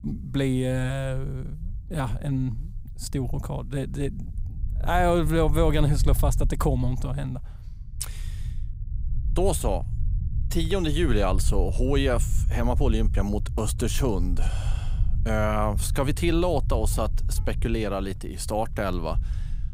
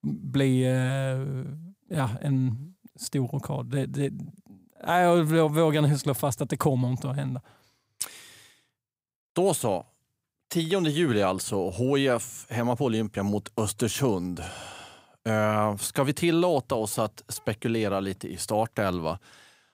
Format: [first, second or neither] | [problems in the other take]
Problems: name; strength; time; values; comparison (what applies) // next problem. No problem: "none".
second | low rumble; noticeable; throughout; 20 dB below the speech